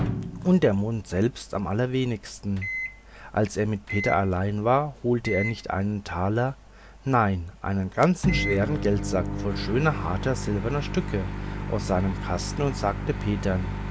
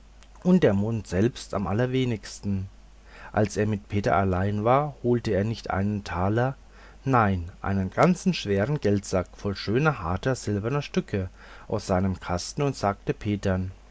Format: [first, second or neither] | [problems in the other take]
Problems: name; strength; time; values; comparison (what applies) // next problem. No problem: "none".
second | background sound (Microwave oven); 7 dB below the speech